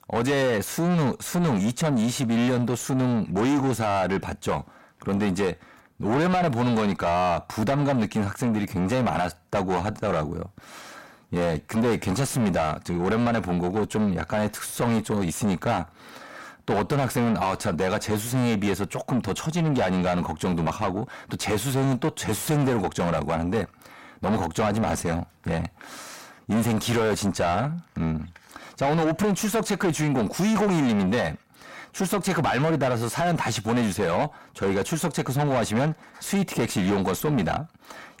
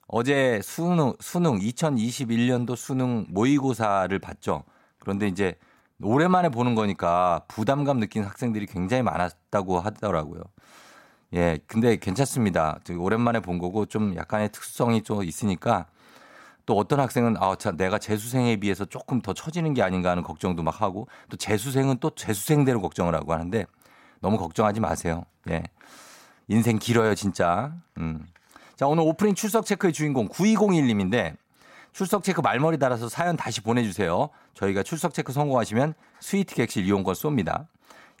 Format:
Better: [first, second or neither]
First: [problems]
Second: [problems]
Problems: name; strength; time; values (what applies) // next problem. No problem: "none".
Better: second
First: distortion; heavy; 7 dB below the speech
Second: none